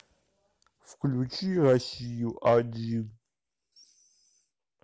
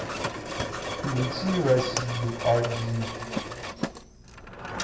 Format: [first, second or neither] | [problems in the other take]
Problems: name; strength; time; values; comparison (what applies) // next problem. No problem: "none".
first | background sound (Mechanisms); 4 dB below the speech // room echo; dies away in 1.1 s